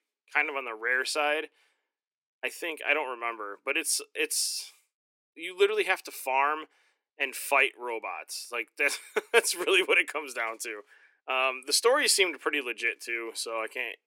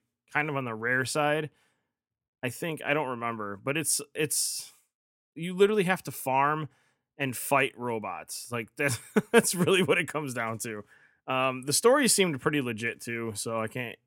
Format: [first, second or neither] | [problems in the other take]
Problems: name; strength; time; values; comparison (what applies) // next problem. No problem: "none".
second | thin; very; fading below 350 Hz